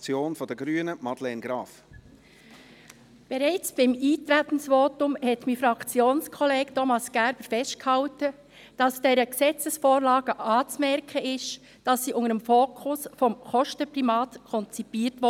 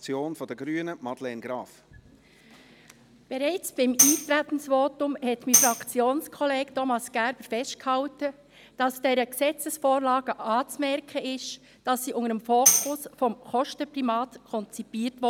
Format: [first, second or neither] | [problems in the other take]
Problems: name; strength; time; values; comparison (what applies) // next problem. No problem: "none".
first | background sound (Tambourine); 1 dB above the speech